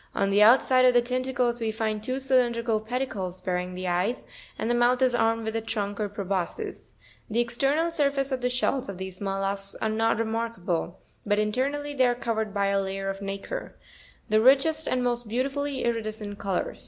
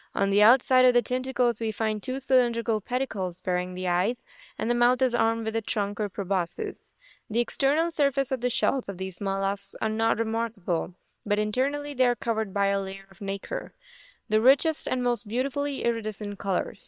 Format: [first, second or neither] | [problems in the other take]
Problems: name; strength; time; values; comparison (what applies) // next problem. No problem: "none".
first | noise reduction (neural separator model SepFormer WHAM!)